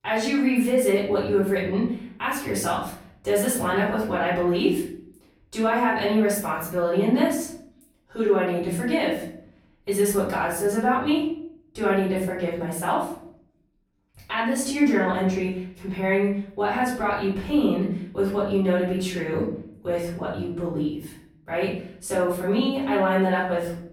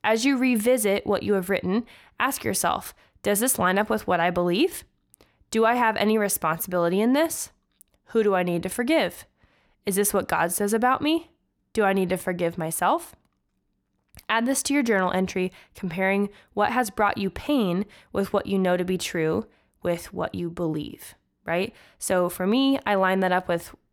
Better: second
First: off-mic speech; far // room echo; noticeable; dies away in 0.7 s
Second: none

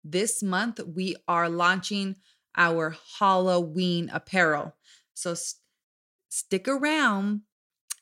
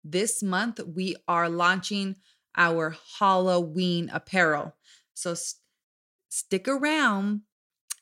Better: neither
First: none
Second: none

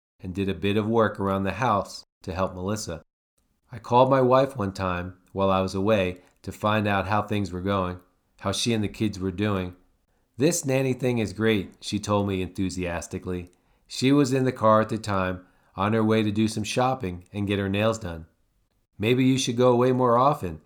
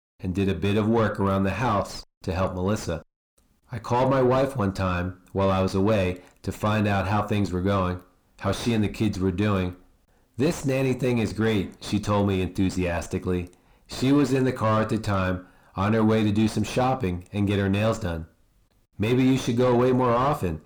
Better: first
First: none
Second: distortion; heavy; 6 dB below the speech

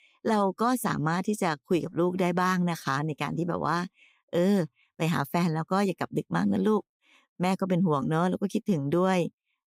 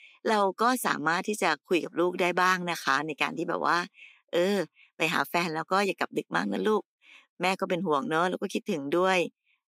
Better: first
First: none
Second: thin; somewhat; fading below 250 Hz

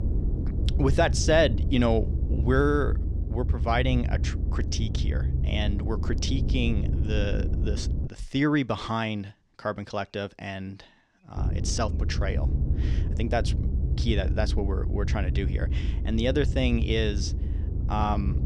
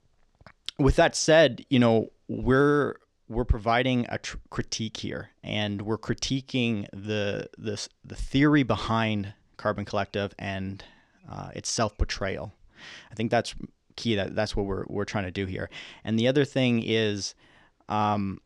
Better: second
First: low rumble; noticeable; until 8 s and from 11 s on; 10 dB below the speech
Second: none

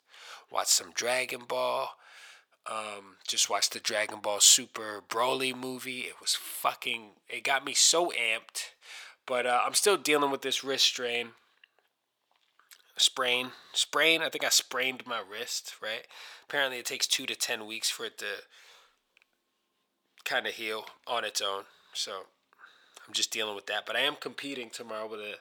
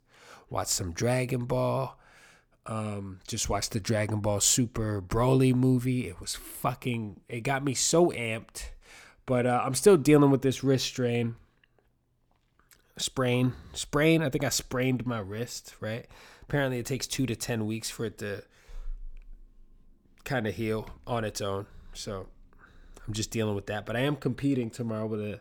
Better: second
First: thin; very; fading below 700 Hz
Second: none

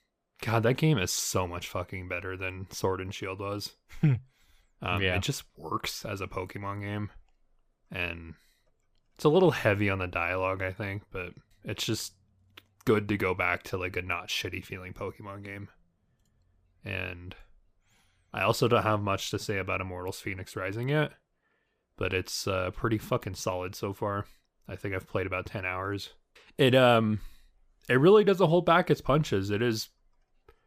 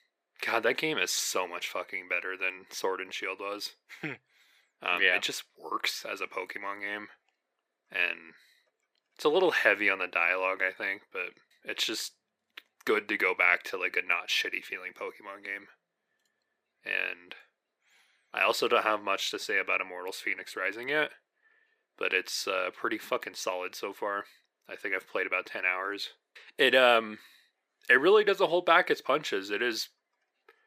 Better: first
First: none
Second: thin; very; fading below 350 Hz

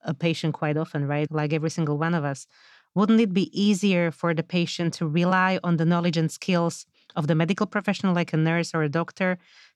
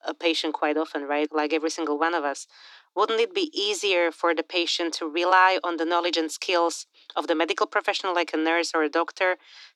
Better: first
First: none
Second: thin; very; fading below 300 Hz

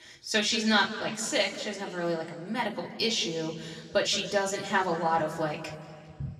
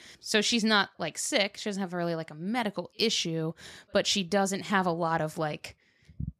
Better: second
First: room echo; slight; dies away in 2.2 s // off-mic speech; somewhat distant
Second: none

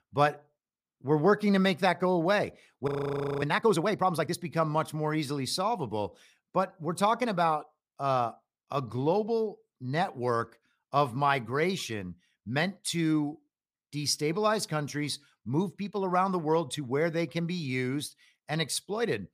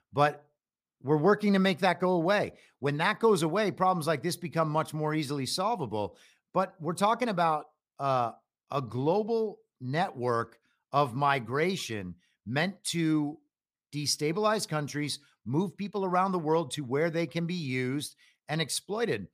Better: second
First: audio freezing; at 3 s for 0.5 s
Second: none

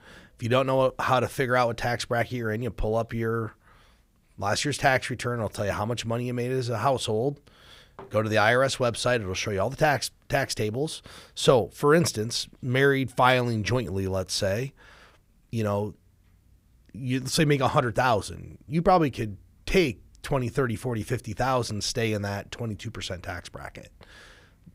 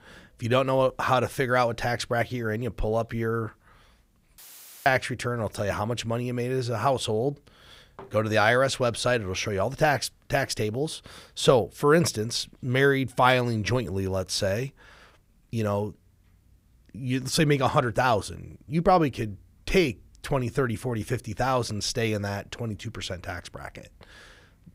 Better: first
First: none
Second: audio cutting out; filled with static; at 4.5 s

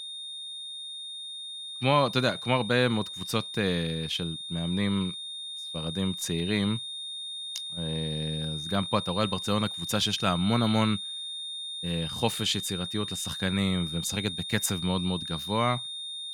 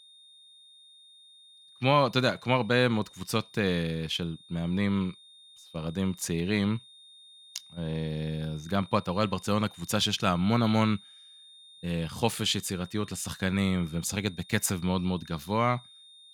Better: second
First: high-pitched whine; loud; throughout; 3.5 kHz, 6 dB below the speech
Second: high-pitched whine; faint; throughout; 3.5 kHz, 20 dB below the speech

